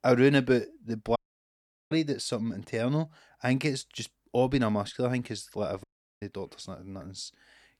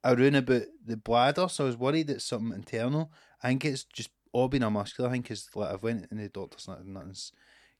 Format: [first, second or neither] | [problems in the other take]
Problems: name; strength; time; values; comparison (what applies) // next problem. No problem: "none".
second | audio cutting out; at 1 s for 1 s and at 6 s